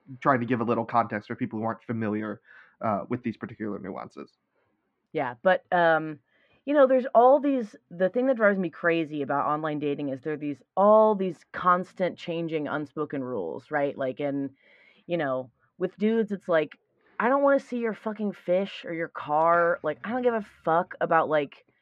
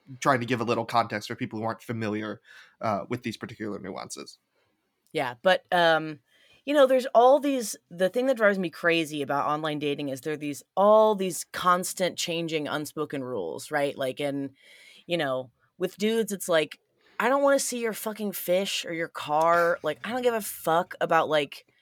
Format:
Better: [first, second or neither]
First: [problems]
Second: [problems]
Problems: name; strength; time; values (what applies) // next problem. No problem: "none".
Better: second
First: muffled; very; fading above 1.5 kHz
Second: none